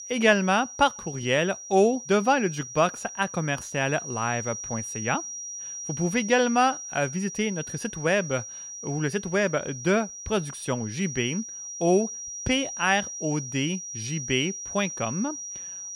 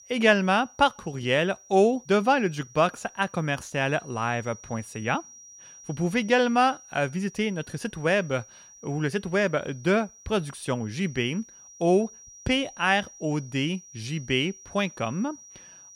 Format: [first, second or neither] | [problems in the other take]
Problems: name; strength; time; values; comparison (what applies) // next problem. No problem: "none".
second | high-pitched whine; loud; throughout; 5.5 kHz, 9 dB below the speech; faint in the second